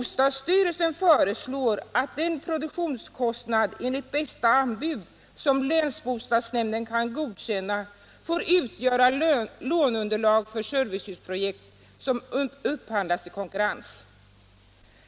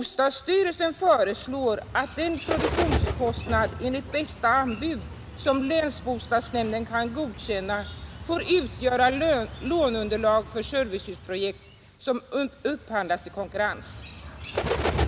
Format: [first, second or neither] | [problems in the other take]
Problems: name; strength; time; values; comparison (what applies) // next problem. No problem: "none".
first | background sound (Bird); 8 dB below the speech